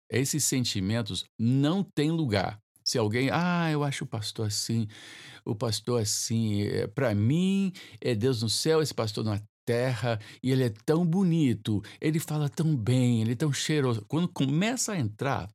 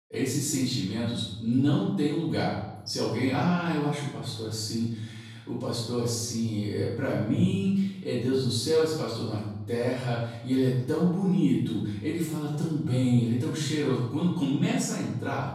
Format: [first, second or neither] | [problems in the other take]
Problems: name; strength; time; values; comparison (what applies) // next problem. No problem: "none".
first | off-mic speech; far // room echo; noticeable; dies away in 0.8 s